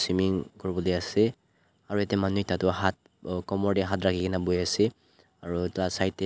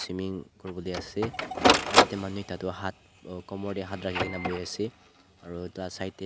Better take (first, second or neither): first